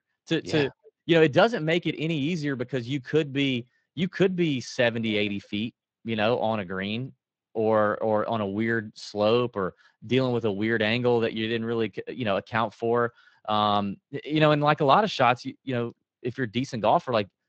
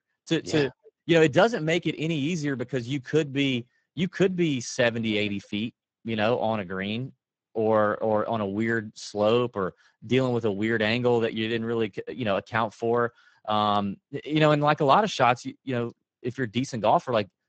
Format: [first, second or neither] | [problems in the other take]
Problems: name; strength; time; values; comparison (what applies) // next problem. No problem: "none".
first | garbled, watery; badly; nothing above 7.5 kHz; slightly in the first